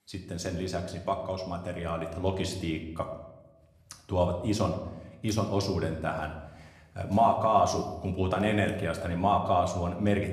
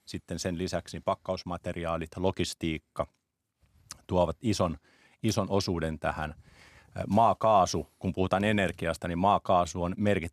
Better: second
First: room echo; slight; dies away in 0.8 s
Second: none

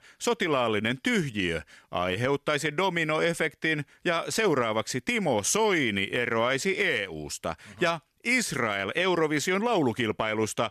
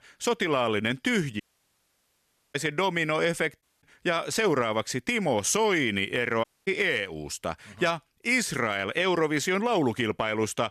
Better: first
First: none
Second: audio cutting out; at 1.5 s for 1 s, at 3.5 s and at 6.5 s

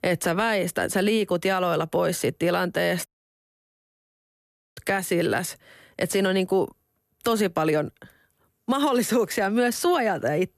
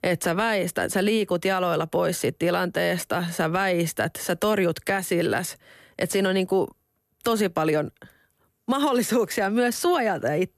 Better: second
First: audio cutting out; at 3 s for 1.5 s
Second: none

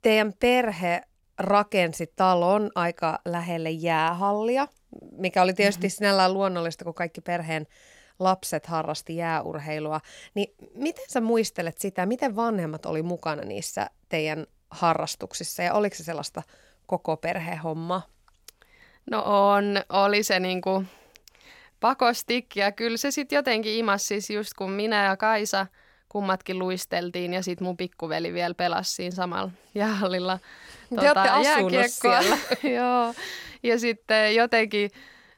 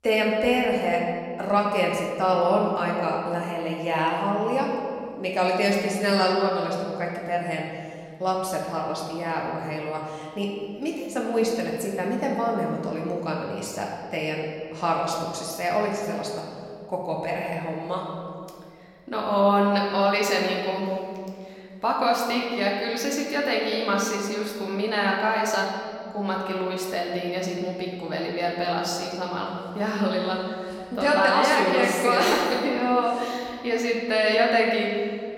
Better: first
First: none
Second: room echo; noticeable; dies away in 1.9 s // off-mic speech; somewhat distant

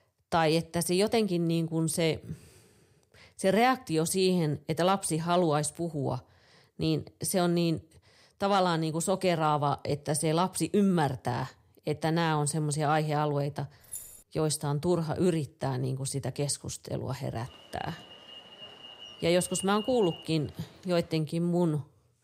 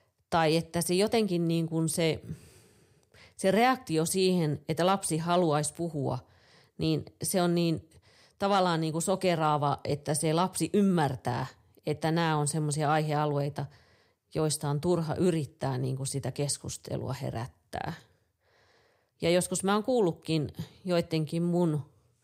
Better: second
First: jangling keys; faint; at 14 s; peak 10 dB below the speech // alarm; faint; from 17 to 21 s; peak 15 dB below the speech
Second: none

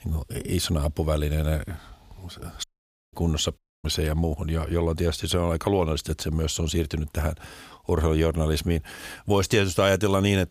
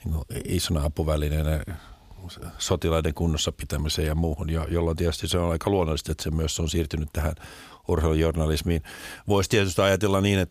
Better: second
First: audio cutting out; at 2.5 s and at 3.5 s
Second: none

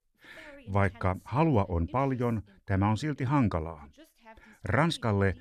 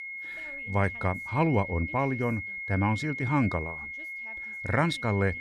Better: first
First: none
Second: high-pitched whine; loud; throughout; 2 kHz, 7 dB below the speech

